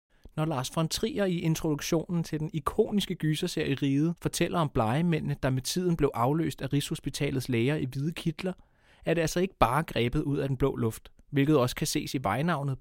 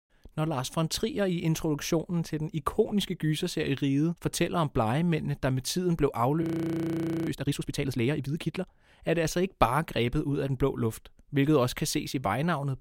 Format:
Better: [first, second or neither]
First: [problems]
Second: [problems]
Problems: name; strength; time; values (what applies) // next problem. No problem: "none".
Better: first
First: none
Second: audio freezing; at 6.5 s for 1 s